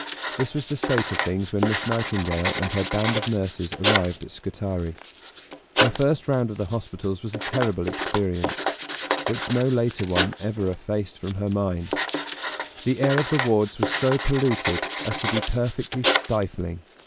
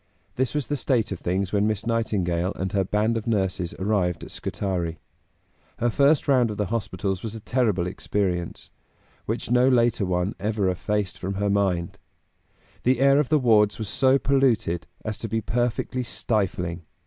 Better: second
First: background sound (Writing); 4 dB below the speech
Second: none

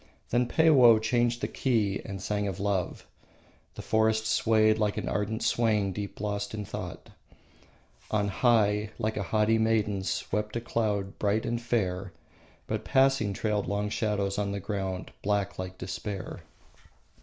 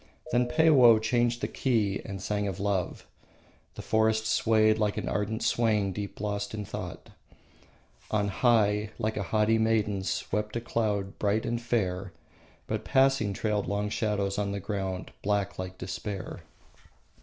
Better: first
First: none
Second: background sound (Telephone); 12 dB below the speech

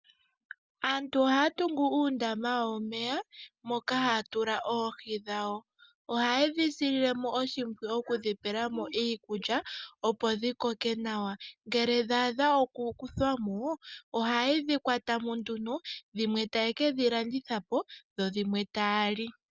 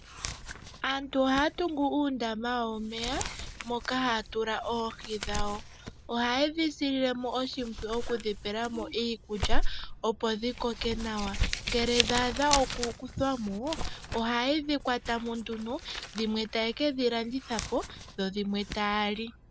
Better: first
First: none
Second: background sound (Crumpling, crinkling); 4 dB below the speech

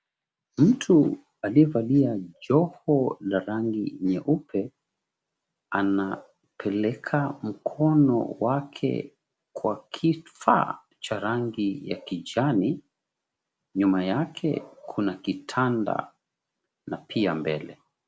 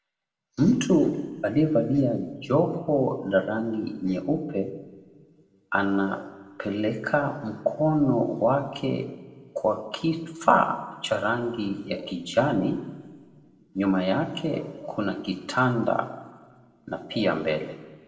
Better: first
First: none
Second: room echo; dies away in 1 s

